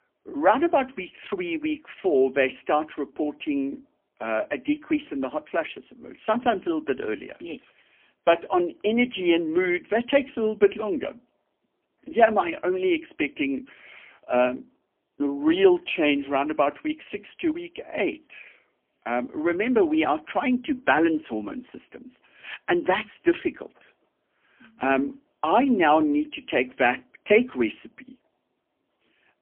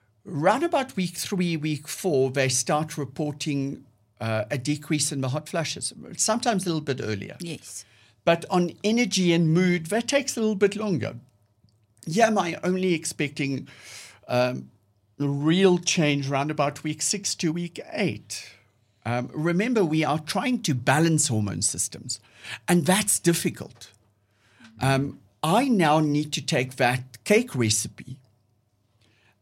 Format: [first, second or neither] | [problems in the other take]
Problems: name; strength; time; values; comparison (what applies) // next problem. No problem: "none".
second | phone-call audio; poor line; nothing above 3 kHz